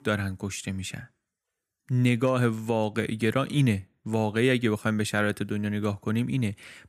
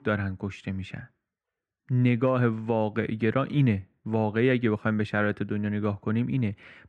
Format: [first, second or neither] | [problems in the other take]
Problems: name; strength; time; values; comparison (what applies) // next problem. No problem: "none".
first | muffled; very; fading above 2 kHz